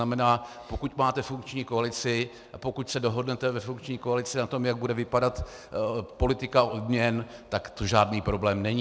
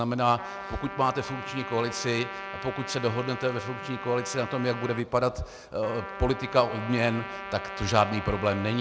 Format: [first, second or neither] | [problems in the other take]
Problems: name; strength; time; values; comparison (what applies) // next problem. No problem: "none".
first | background sound (Trumpet); 10 dB below the speech